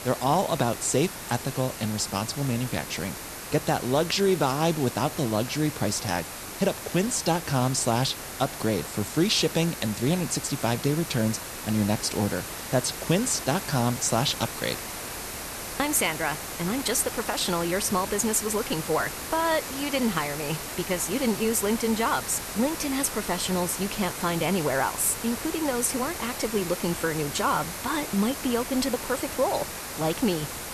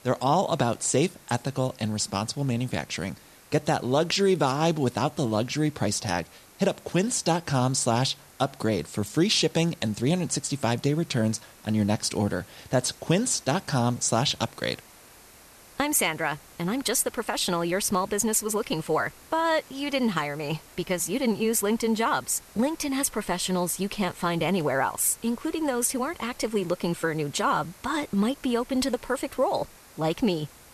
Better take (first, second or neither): second